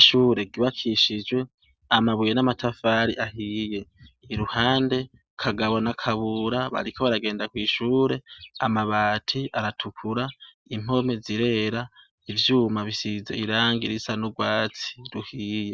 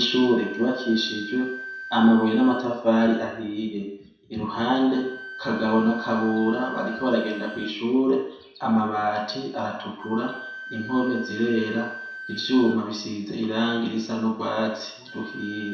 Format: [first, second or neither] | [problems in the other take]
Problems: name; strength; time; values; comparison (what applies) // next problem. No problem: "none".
first | background sound (Wind instrument, woodwind instrument); 15 dB below the speech // room echo; dies away in 0.7 s